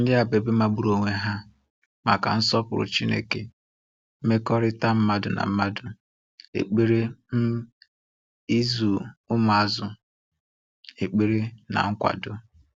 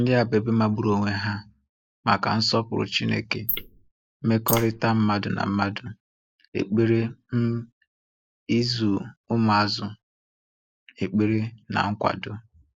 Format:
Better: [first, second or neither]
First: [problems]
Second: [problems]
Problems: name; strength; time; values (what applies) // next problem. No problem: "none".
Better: first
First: none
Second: noise reduction (neural mask model Resemble Enhance denoiser)